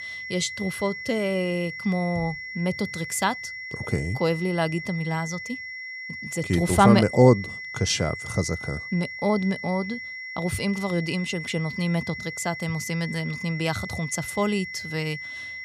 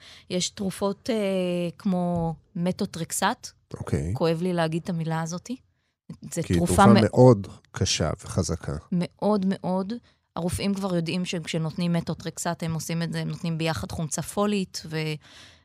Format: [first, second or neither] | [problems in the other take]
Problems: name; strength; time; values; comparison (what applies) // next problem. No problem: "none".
second | high-pitched whine; loud; throughout; 2 kHz, 8 dB below the speech